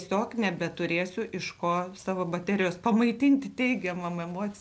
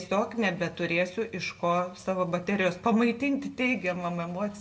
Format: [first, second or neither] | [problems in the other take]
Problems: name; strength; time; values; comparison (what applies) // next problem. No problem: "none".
first | room echo; dies away in 0.6 s